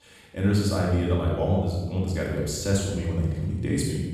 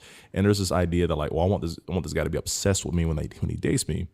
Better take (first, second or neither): second